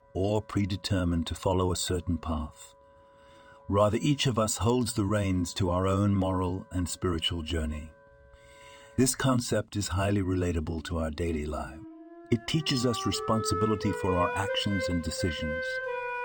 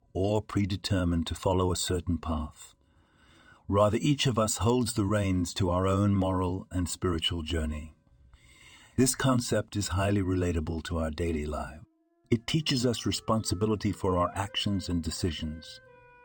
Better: second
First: background music; loud; throughout; 6 dB below the speech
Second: background music; faint; throughout; 30 dB below the speech

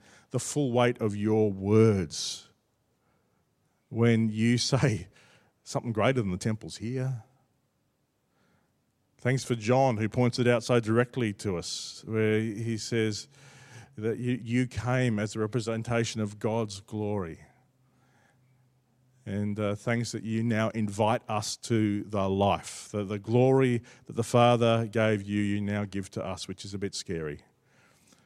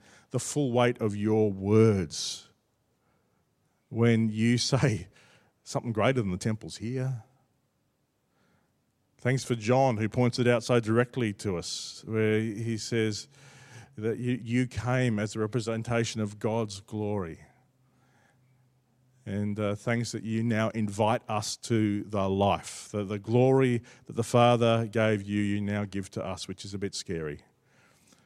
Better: neither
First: none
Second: none

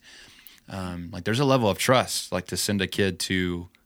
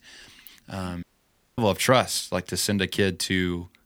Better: first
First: none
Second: audio cutting out; at 1 s for 0.5 s

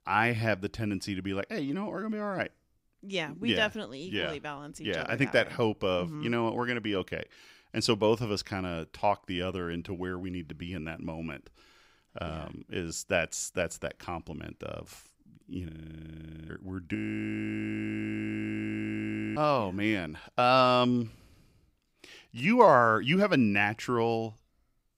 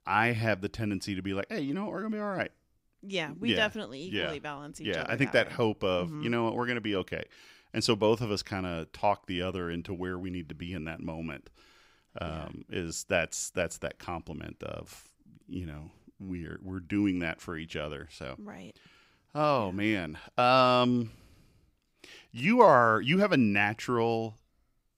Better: second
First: audio freezing; at 16 s for 1 s and at 17 s for 2.5 s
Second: none

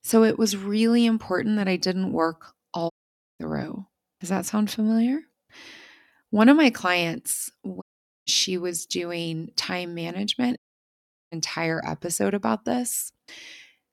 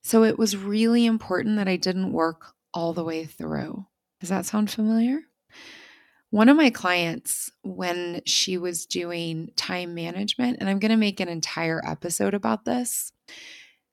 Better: second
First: audio cutting out; at 3 s, at 8 s and at 11 s for 0.5 s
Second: none

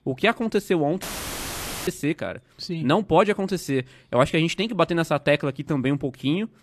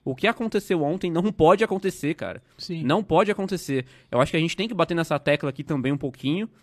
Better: second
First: audio cutting out; filled with static; at 1 s for 1 s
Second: none

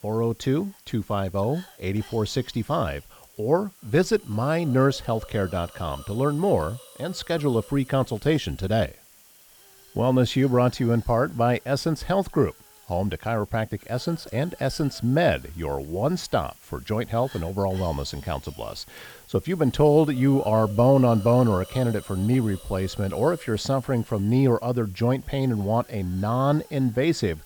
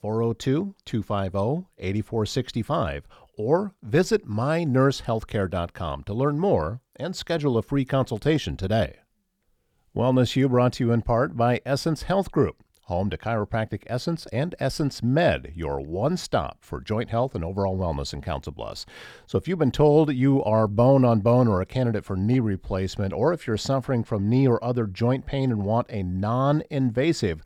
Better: second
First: hiss; faint; throughout; 20 dB below the speech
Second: none

